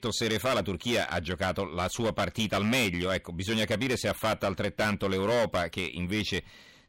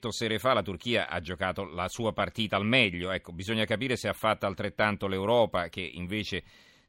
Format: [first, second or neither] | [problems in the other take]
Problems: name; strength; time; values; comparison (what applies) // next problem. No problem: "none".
second | distortion; heavy; 12% of the sound clipped